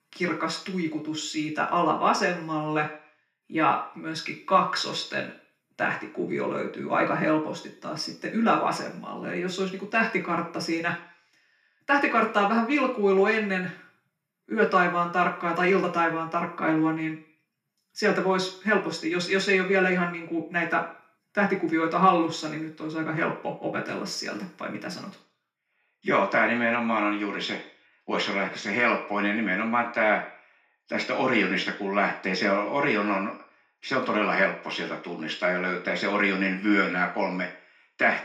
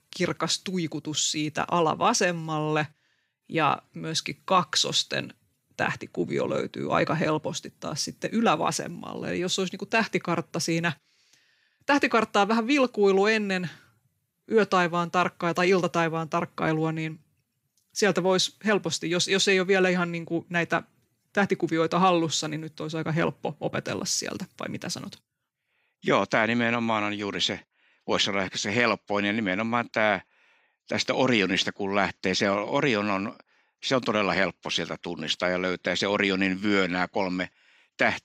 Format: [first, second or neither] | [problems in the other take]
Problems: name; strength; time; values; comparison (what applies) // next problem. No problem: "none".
second | room echo; slight; dies away in 0.4 s // off-mic speech; somewhat distant